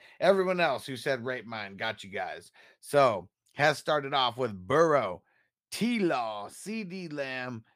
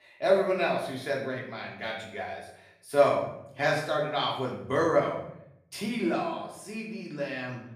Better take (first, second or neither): first